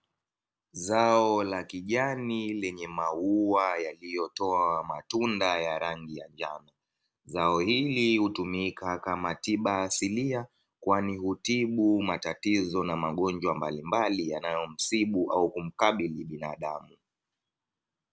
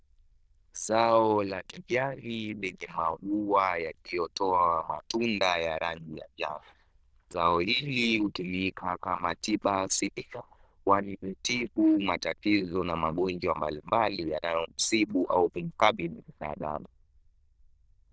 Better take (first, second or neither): first